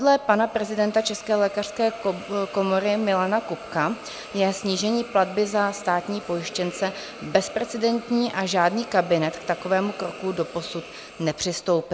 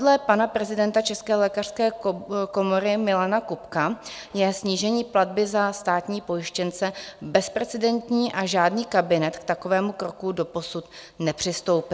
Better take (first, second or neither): second